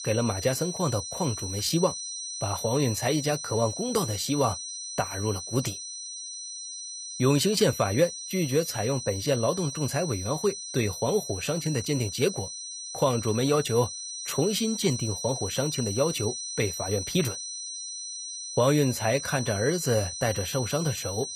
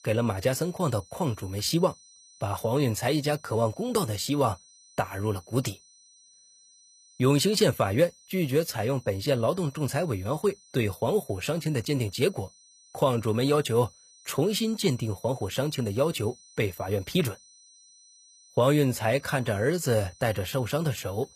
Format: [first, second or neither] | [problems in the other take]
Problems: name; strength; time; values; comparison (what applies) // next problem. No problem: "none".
second | high-pitched whine; loud; throughout; 6 kHz, 6 dB below the speech; faint in the second